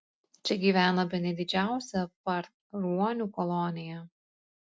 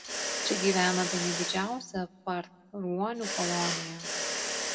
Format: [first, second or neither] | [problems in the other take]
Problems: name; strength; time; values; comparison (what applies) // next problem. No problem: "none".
first | background sound (Mechanisms); 2 dB below the speech // room echo; dies away in 0.7 s